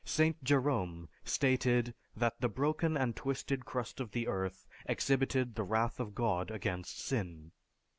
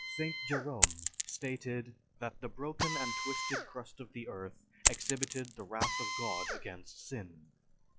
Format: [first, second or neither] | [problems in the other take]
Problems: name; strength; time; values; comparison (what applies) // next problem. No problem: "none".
first | noise reduction (classical method log-MMSE)